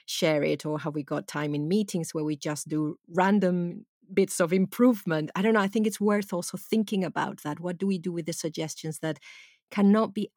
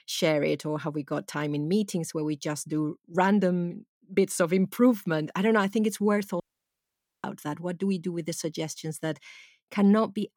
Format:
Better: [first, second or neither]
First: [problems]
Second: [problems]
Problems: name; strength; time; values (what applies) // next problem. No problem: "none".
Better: first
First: none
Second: audio cutting out; at 6.5 s for 1 s